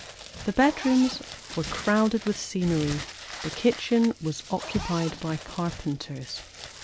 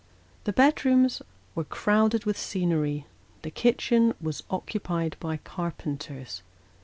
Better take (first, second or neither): second